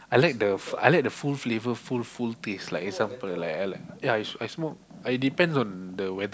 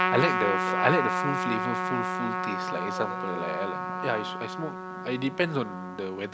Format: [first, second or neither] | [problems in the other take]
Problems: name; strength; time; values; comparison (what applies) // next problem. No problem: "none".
first | background sound (Trumpet); as loud as the speech